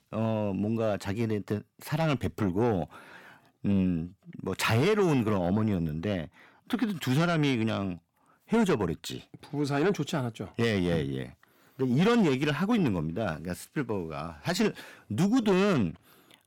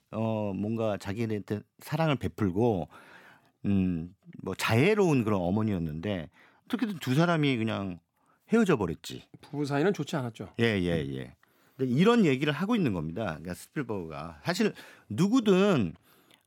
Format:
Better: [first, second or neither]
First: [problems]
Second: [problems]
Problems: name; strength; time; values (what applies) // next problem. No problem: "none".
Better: second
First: distortion; slight; 10 dB below the speech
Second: none